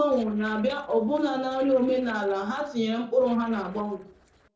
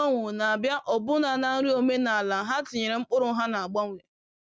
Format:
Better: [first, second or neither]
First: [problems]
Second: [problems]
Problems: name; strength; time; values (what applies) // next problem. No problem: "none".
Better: second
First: noise reduction (neural separator model SepFormer DNS4)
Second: none